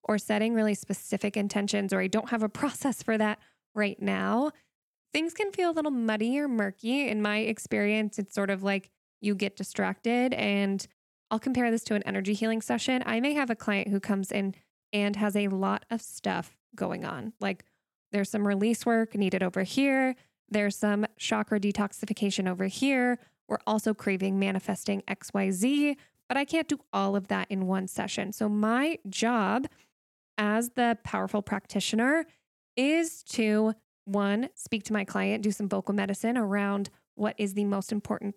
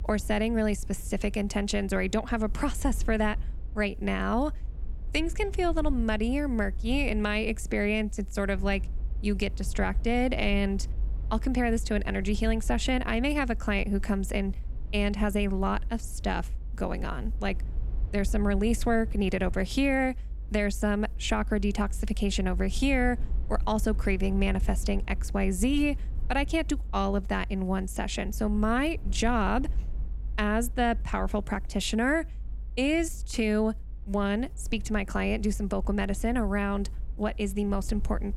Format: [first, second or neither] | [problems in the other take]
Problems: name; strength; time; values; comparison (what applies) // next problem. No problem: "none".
first | low rumble; faint; throughout; 25 dB below the speech